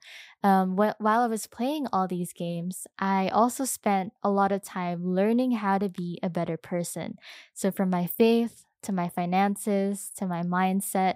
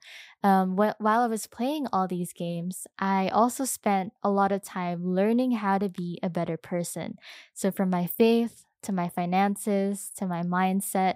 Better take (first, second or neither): neither